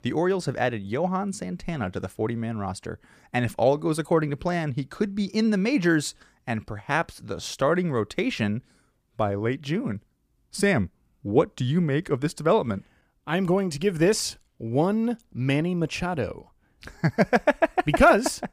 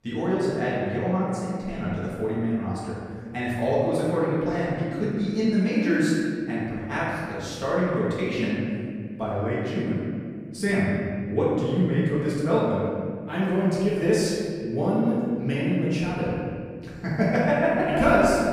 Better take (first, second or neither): first